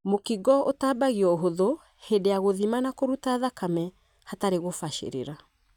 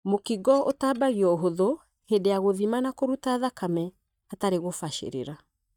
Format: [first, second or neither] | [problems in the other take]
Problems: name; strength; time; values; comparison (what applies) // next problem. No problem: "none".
first | noise reduction (neural mask model DeepFilterNet 3)